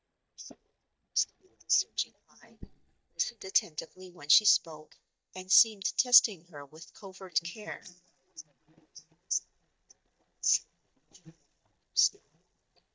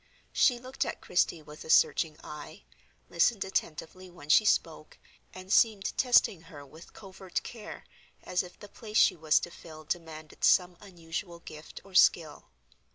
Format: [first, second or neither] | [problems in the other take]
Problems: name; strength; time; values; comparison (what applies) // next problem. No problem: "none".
second | noise reduction (neural mask model DeepFilterNet 3)